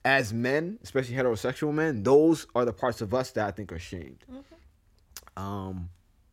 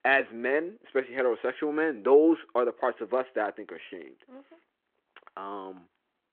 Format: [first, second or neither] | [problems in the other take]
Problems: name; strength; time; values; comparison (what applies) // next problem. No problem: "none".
first | phone-call audio